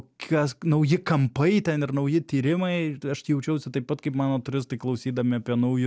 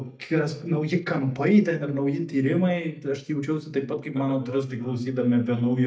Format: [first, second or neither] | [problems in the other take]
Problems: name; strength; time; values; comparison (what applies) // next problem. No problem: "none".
first | noise reduction (neural mask model DeepFilterNet 3)